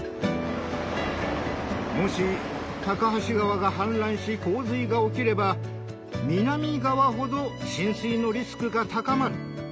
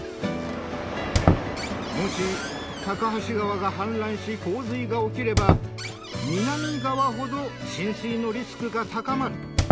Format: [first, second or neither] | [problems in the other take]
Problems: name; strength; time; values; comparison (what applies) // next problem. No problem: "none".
first | background sound (Squeak); 2 dB below the speech